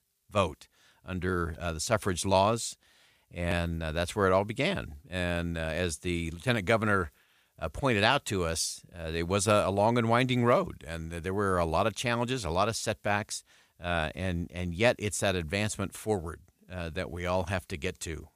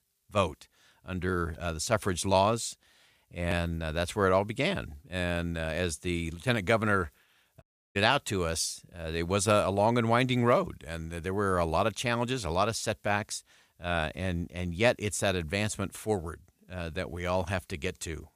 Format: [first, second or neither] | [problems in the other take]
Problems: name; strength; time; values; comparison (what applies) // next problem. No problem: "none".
first | audio cutting out; at 7.5 s